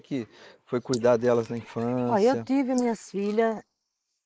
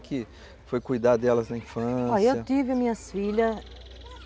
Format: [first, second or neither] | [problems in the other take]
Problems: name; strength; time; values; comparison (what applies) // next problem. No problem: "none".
second | noise reduction (neural mask model Resemble Enhance denoiser)